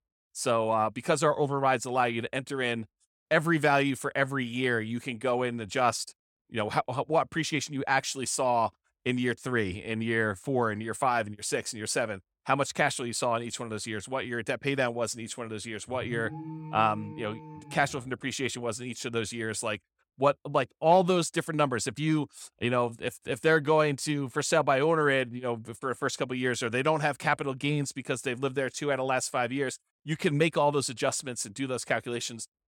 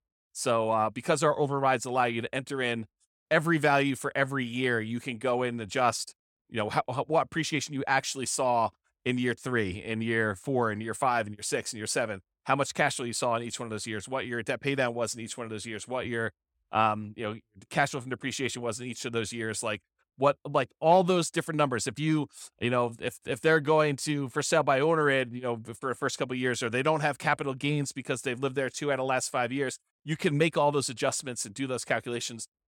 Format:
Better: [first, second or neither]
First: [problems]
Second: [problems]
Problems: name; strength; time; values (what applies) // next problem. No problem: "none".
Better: second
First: alarm; faint; from 16 to 18 s; peak 10 dB below the speech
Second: none